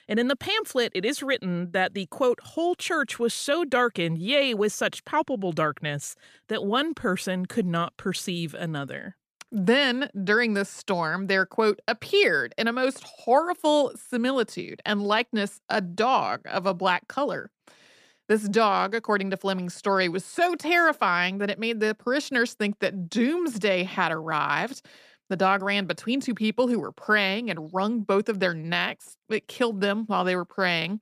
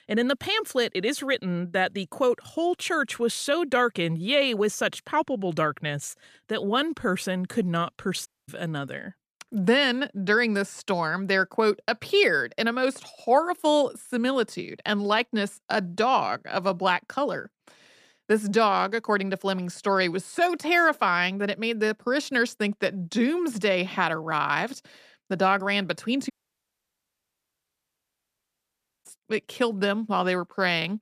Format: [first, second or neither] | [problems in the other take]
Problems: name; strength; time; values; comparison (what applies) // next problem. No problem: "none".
first | audio cutting out; at 8.5 s and at 26 s for 3 s